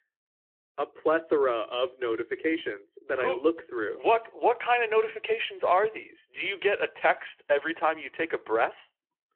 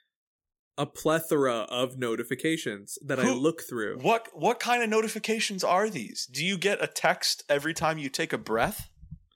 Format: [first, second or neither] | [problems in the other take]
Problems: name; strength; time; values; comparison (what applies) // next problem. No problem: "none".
second | phone-call audio